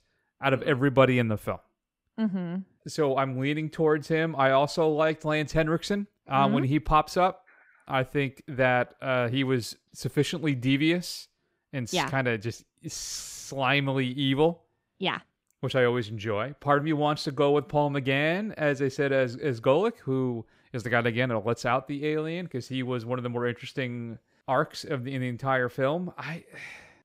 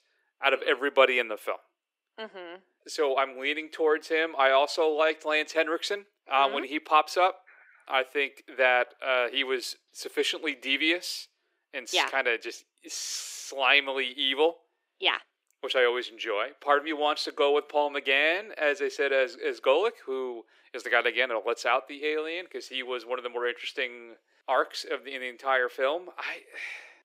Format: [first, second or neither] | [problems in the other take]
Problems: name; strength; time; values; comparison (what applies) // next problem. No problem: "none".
first | thin; very; fading below 350 Hz